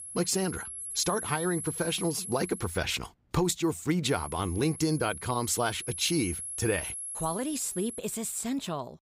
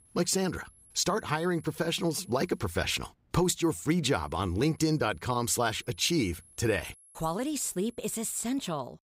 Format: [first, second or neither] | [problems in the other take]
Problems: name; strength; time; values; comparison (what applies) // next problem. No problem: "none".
second | high-pitched whine; loud; until 3 s and from 4 to 8 s; 10.5 kHz, 7 dB below the speech; faint in the second